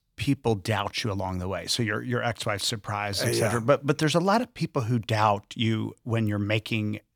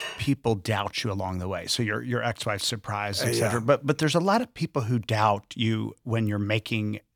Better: first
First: none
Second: clattering dishes; noticeable; at the start; peak 9 dB below the speech

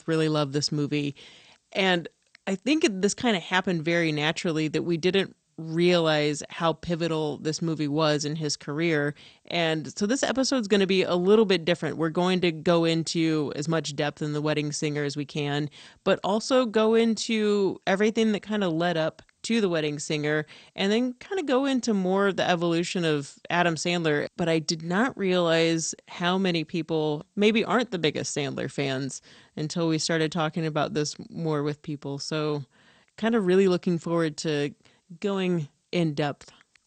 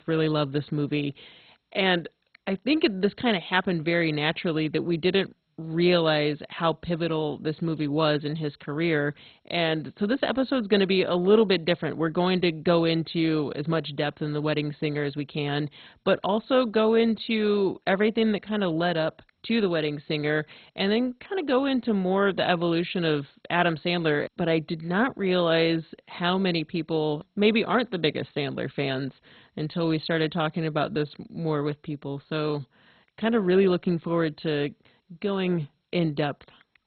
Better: first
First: garbled, watery; slightly; nothing above 8.5 kHz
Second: garbled, watery; badly; nothing above 4 kHz

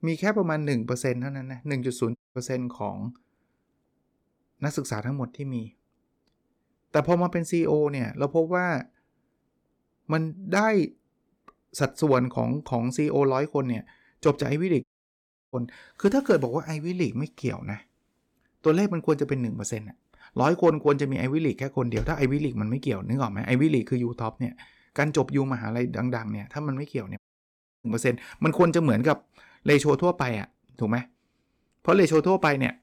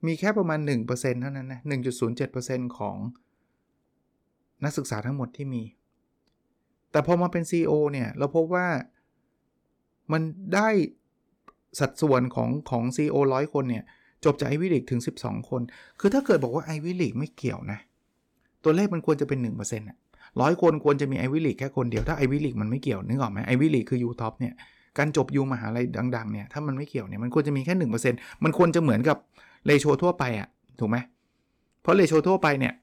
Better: second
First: audio cutting out; at 2 s, at 15 s for 0.5 s and at 27 s for 0.5 s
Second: none

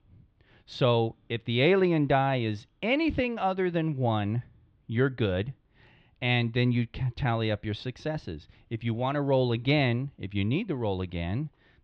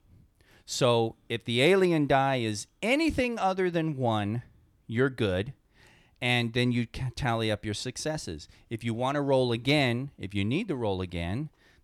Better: second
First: muffled; slightly; fading above 3.5 kHz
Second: none

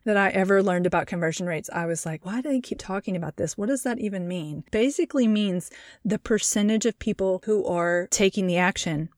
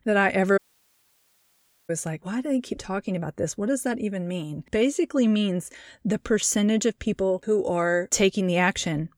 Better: first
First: none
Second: audio cutting out; at 0.5 s for 1.5 s

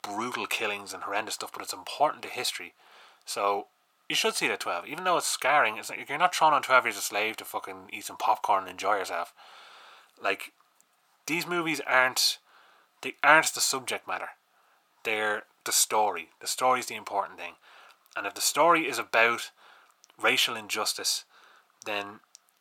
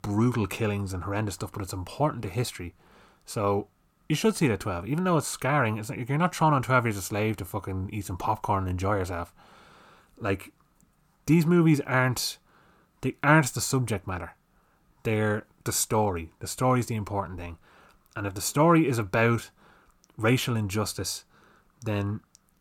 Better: second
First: thin; very; fading below 600 Hz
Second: none

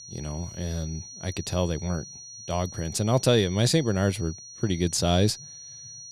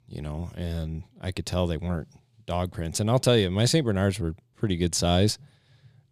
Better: second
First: high-pitched whine; noticeable; throughout; 6 kHz, 15 dB below the speech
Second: none

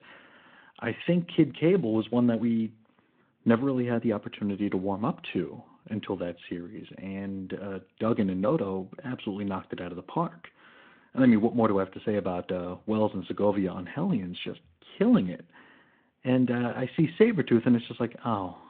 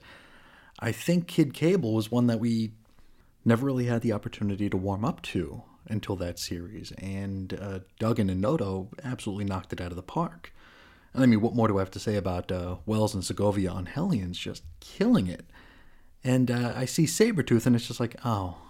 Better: second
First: phone-call audio; nothing above 3.5 kHz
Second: none

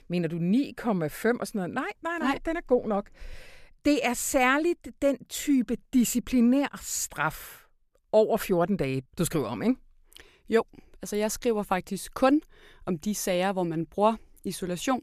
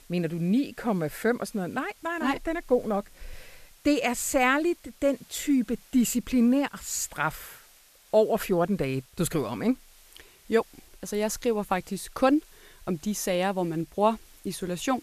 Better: first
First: none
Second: hiss; faint; throughout; 25 dB below the speech

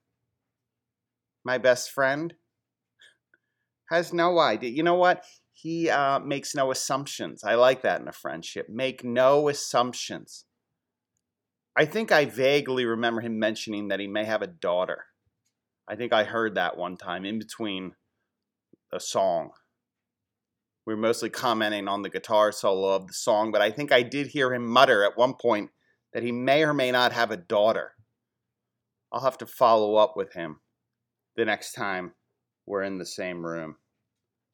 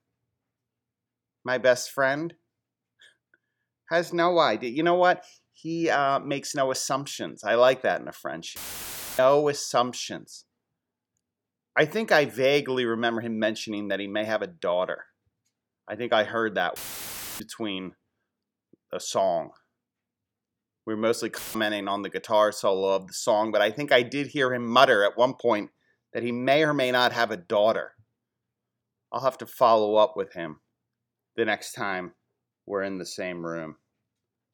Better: first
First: none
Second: audio cutting out; filled with static; at 8.5 s for 0.5 s, at 17 s for 0.5 s and at 21 s

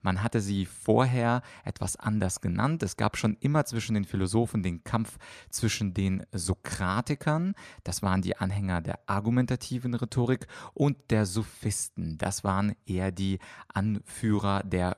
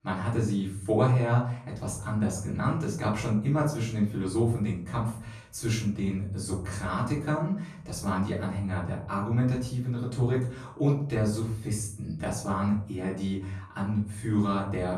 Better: first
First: none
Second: off-mic speech; far // room echo; noticeable; dies away in 0.5 s

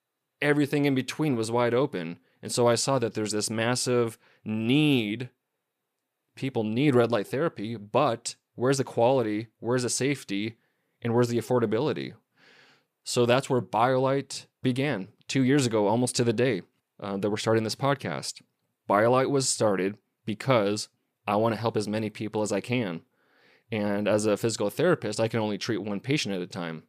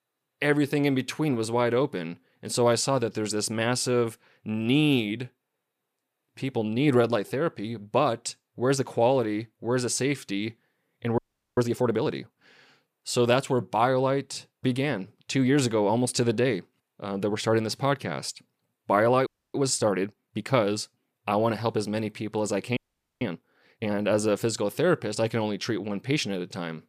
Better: first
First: none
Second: audio freezing; at 11 s, at 19 s and at 23 s

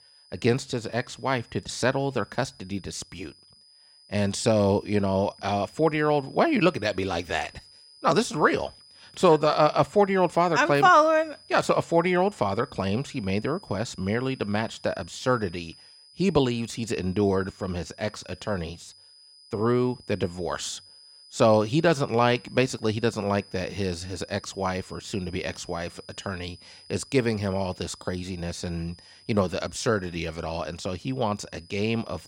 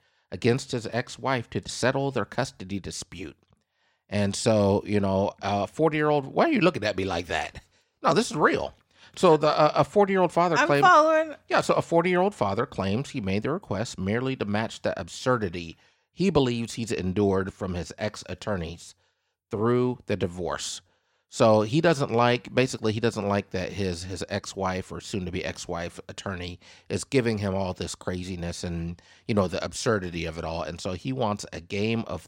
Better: second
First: high-pitched whine; faint; throughout; 5 kHz, 25 dB below the speech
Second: none

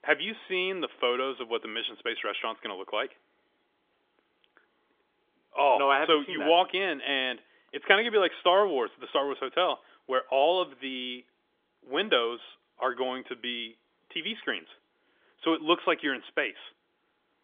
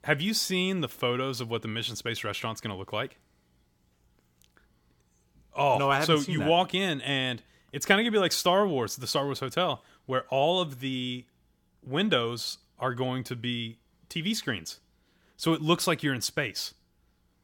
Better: second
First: phone-call audio; nothing above 3.5 kHz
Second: none

